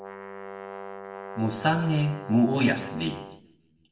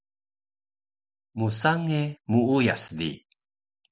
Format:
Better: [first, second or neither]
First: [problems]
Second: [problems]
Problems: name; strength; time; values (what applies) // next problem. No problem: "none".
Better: second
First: background sound (Brass instrument); 12 dB below the speech // room echo; dies away in 0.7 s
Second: none